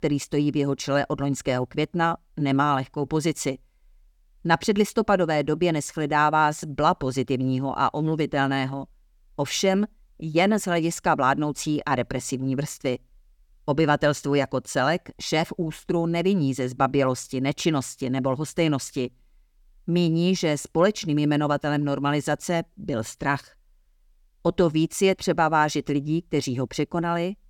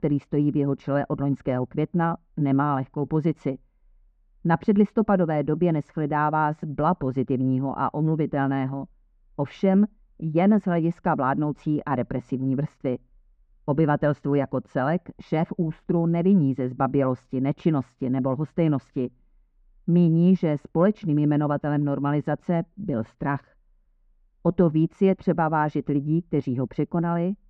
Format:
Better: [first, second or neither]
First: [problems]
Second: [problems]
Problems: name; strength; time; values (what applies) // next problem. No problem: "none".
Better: first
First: none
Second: muffled; very; fading above 1.5 kHz